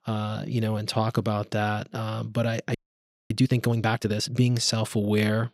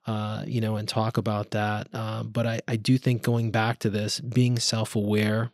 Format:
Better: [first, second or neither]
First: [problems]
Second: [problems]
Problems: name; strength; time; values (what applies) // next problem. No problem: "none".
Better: second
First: audio freezing; at 3 s for 0.5 s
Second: none